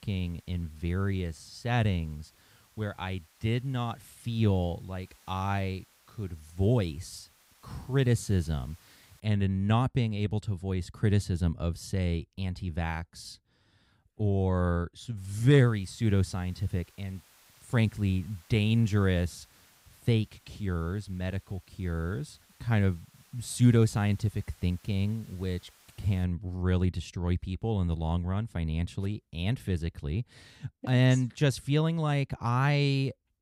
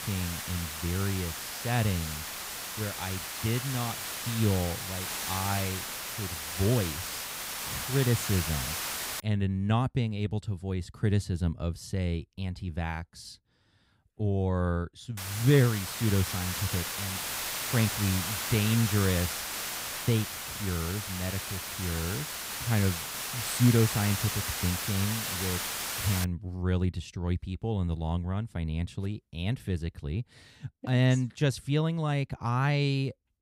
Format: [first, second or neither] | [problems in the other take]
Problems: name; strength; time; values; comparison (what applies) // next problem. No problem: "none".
first | hiss; loud; until 9 s and from 15 to 26 s; 3 dB below the speech; faint in the first